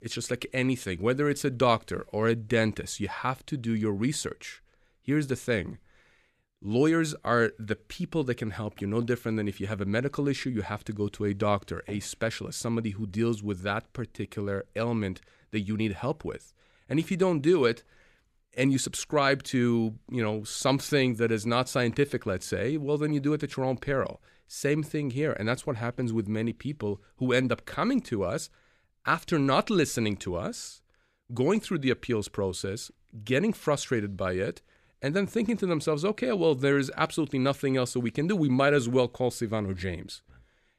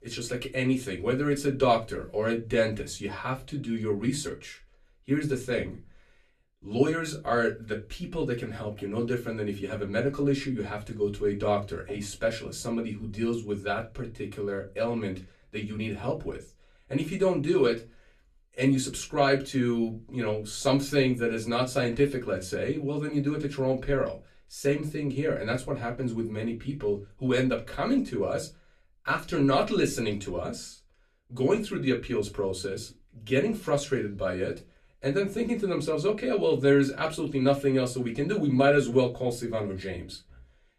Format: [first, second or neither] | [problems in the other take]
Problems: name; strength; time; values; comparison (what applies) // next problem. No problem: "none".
first | off-mic speech; far // room echo; very slight; dies away in 0.2 s